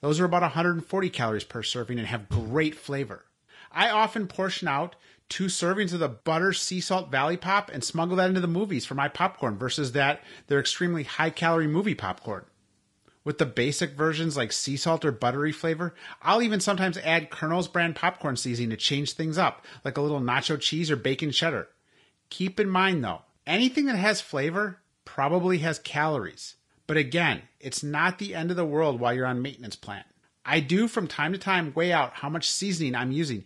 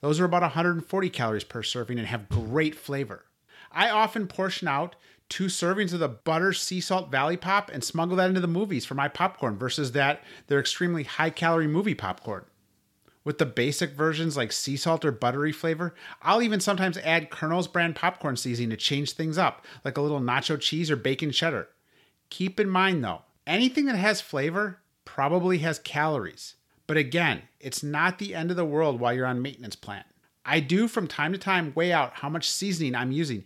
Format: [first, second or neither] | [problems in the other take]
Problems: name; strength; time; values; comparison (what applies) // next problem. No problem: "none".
second | garbled, watery; slightly; nothing above 10.5 kHz